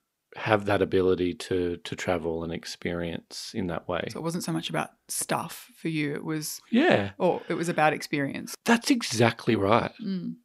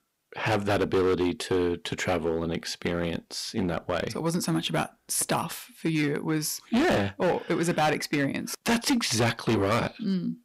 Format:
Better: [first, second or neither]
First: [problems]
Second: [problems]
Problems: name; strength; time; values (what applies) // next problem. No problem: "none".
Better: first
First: none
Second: distortion; heavy; 9% of the sound clipped